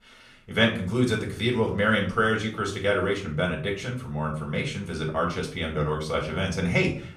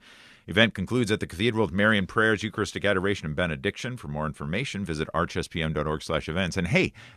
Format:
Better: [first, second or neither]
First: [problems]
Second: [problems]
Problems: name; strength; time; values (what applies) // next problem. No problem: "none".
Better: second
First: off-mic speech; somewhat distant // room echo; slight; dies away in 0.4 s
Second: none